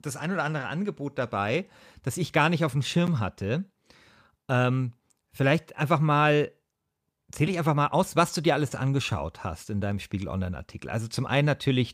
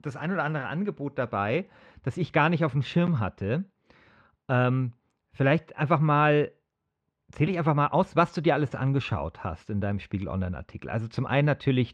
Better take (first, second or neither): first